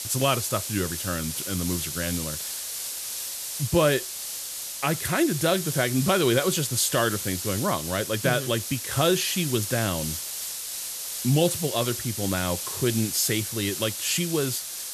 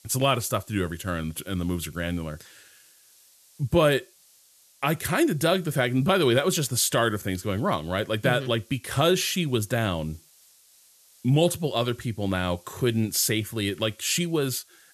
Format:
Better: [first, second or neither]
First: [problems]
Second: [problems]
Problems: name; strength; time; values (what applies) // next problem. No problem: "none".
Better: second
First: hiss; loud; throughout; 5 dB below the speech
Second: hiss; faint; throughout; 30 dB below the speech